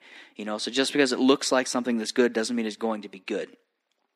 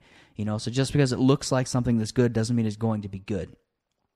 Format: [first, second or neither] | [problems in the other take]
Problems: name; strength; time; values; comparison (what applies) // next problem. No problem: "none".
second | thin; very slightly; fading below 250 Hz